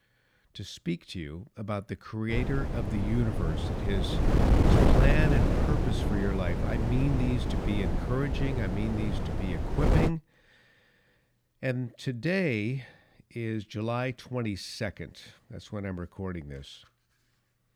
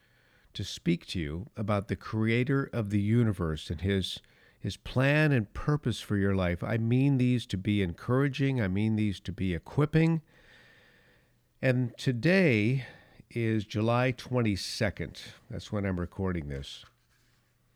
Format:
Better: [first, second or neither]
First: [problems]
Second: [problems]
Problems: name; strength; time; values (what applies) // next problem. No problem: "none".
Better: second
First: wind noise on the microphone; heavy; from 2.5 to 10 s; 1 dB above the speech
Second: none